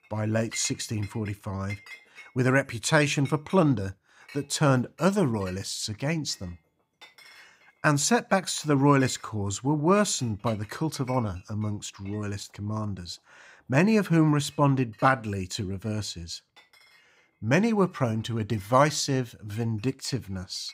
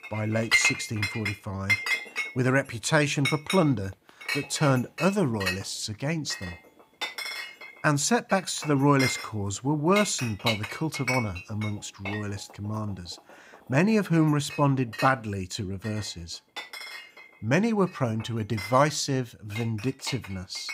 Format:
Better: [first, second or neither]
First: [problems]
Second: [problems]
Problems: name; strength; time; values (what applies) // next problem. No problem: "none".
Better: first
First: household noises; faint; throughout; 25 dB below the speech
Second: household noises; loud; throughout; 4 dB below the speech